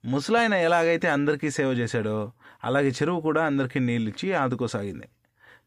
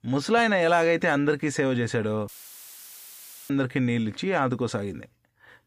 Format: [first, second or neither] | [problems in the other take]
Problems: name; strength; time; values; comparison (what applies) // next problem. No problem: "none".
first | audio cutting out; filled with static; at 2.5 s for 1 s